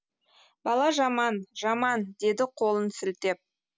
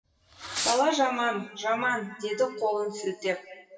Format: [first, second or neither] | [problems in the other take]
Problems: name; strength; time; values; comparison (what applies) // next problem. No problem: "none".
first | noise reduction (classical method WPE with log-MMSE)